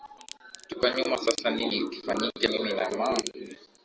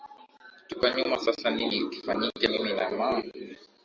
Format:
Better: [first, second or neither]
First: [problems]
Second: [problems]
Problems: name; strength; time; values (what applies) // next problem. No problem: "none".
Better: second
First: background sound (Crack); 14 dB below the speech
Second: none